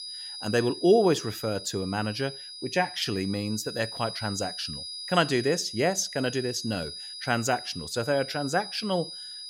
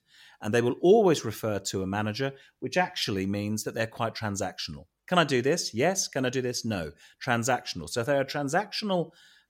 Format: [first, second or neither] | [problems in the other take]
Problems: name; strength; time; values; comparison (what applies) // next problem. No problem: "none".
second | high-pitched whine; loud; throughout; 5 kHz, 9 dB below the speech